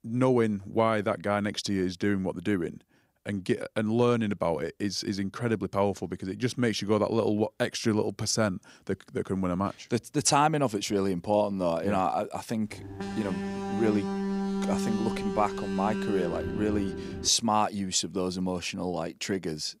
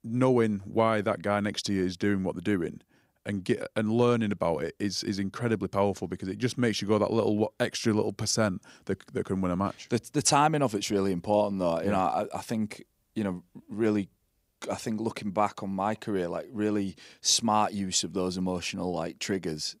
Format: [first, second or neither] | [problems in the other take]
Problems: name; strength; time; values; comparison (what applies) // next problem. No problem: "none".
second | alarm; noticeable; from 13 to 17 s; peak 1 dB below the speech